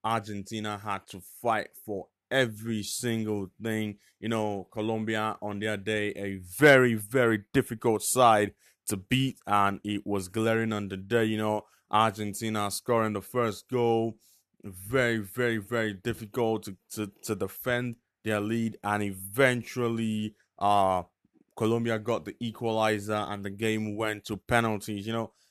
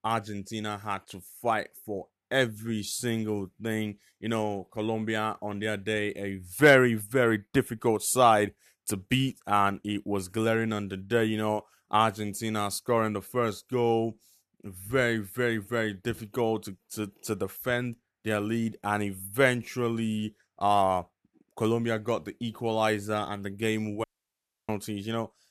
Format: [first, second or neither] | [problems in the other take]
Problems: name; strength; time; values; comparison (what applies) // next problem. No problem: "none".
first | audio cutting out; at 24 s for 0.5 s